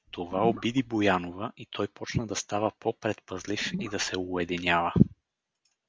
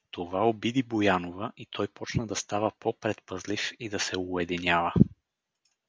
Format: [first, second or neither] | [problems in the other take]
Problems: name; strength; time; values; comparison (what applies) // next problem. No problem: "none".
second | background sound (Gurgling / Liquid); 12 dB below the speech